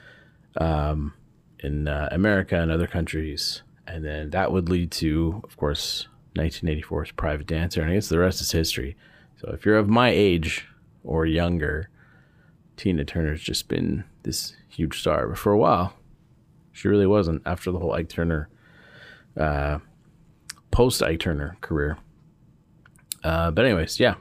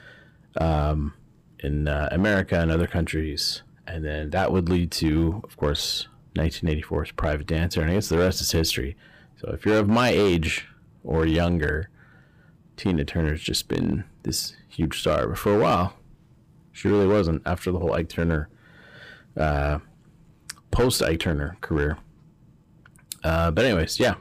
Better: first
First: none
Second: distortion; slight; 5% of the sound clipped

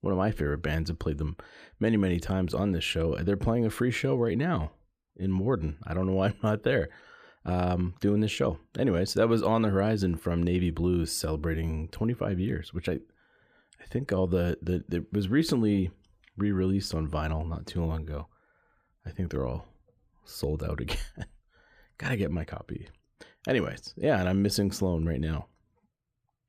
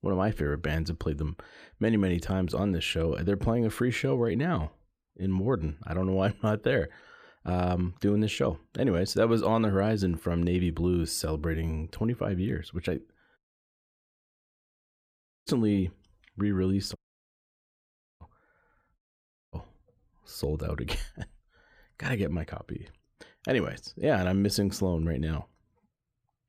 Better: first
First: none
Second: audio cutting out; at 13 s for 2 s, at 17 s for 1 s and at 19 s for 0.5 s

